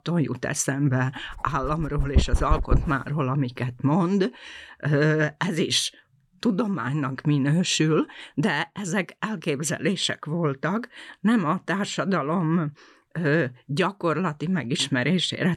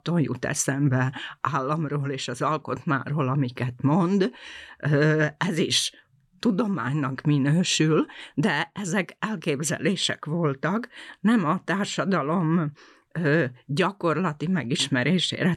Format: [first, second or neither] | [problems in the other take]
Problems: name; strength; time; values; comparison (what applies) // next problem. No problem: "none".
second | dog barking; loud; from 1.5 to 3 s; peak 1 dB above the speech